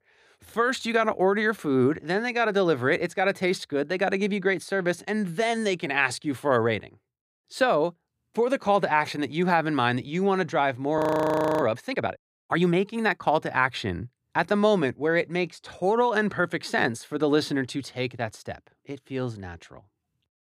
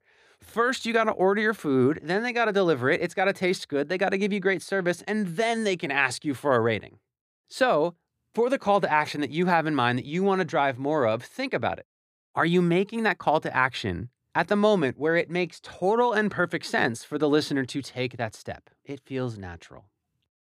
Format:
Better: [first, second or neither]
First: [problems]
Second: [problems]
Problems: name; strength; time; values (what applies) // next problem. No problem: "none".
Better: second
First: audio freezing; at 11 s for 0.5 s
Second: none